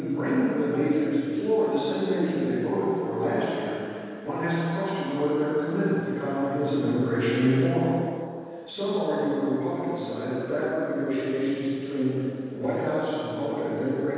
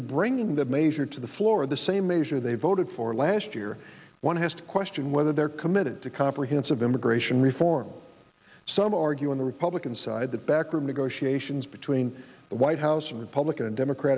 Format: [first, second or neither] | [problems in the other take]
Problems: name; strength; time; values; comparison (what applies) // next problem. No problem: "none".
second | background sound (Bowed string instrument); 17 dB below the speech // room echo; dies away in 2.1 s